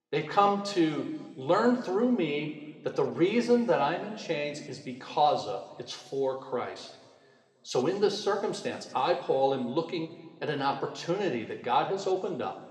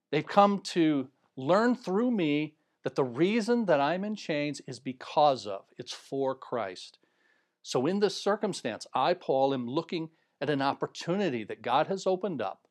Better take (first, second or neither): second